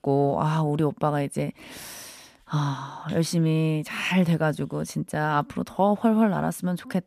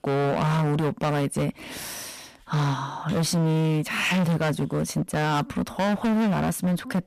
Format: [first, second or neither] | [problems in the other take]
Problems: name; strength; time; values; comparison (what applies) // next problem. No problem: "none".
first | distortion; heavy; 24% of the sound clipped